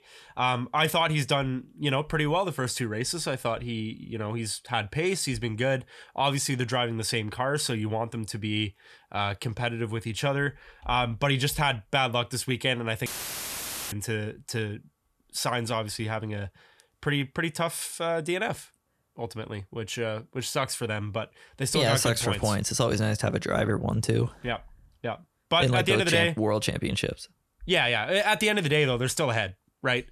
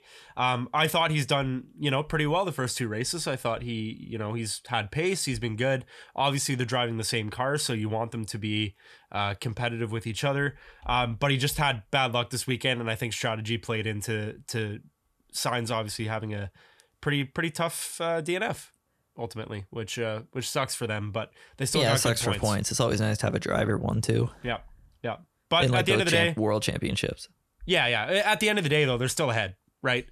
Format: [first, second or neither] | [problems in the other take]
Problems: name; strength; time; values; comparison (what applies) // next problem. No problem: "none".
second | audio cutting out; filled with static; at 13 s for 1 s